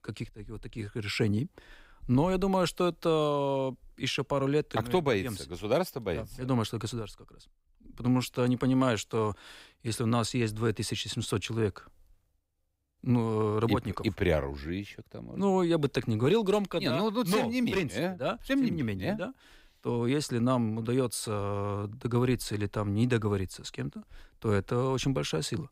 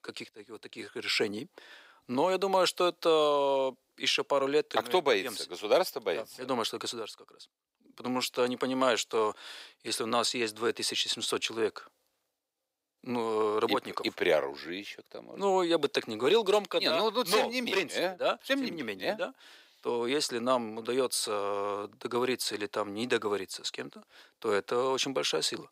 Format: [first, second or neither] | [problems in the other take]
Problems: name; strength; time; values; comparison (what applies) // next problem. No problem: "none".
first | thin; somewhat; fading below 500 Hz